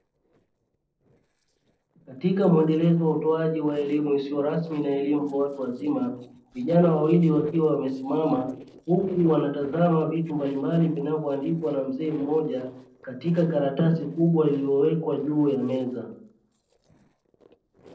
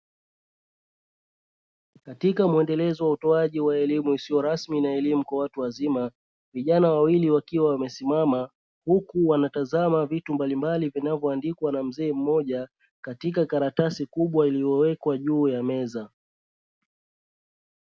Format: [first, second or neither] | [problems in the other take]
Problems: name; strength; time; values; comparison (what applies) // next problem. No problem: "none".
second | noise reduction (neural separator model SepFormer DNS4)